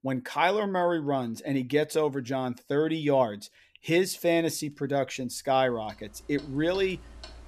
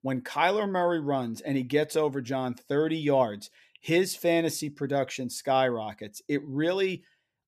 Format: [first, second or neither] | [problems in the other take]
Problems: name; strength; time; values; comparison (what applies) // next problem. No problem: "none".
second | household noises; faint; throughout; 25 dB below the speech